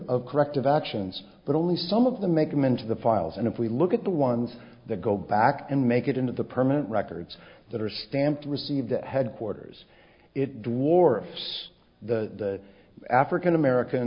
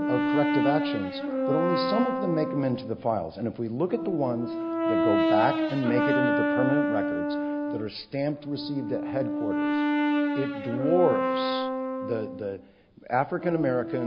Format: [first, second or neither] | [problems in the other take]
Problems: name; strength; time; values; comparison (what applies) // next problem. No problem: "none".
first | background sound (Brass instrument); 2 dB above the speech